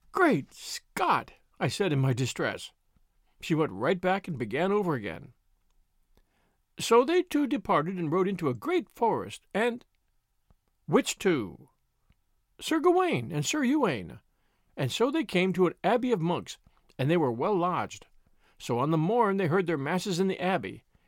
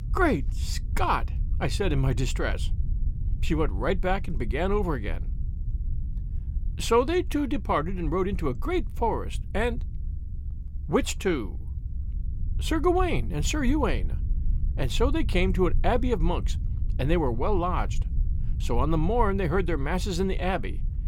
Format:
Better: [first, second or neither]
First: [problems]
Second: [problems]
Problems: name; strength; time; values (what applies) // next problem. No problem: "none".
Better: first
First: none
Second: low rumble; faint; throughout; 20 dB below the speech